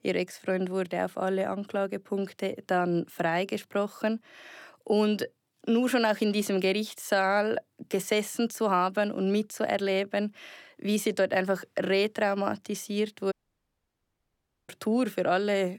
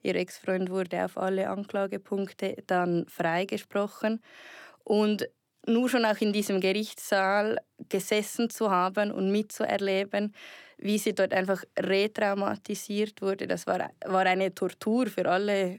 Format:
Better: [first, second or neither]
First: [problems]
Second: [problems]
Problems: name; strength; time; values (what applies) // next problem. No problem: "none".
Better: second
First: audio cutting out; at 13 s for 1.5 s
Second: none